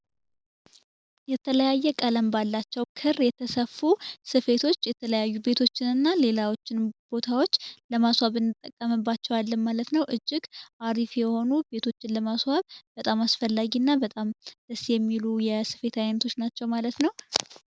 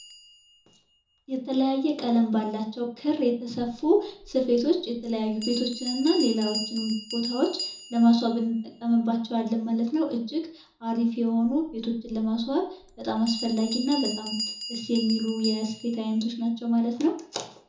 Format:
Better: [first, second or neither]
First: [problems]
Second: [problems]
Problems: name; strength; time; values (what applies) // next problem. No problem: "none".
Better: first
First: none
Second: background sound (Bell); 14 dB below the speech // room echo; dies away in 0.7 s